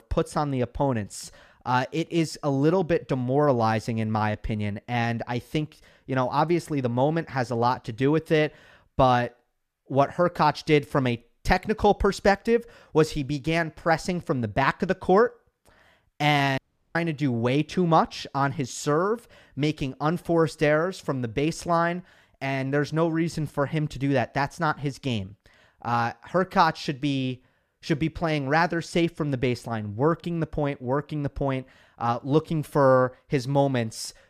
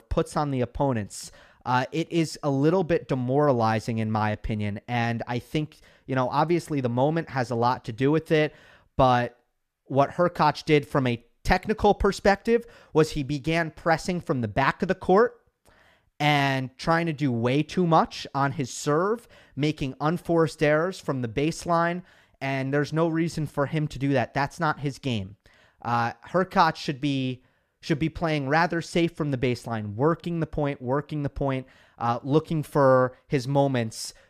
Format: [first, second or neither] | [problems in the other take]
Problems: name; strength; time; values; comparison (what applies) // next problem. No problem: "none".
second | audio cutting out; at 17 s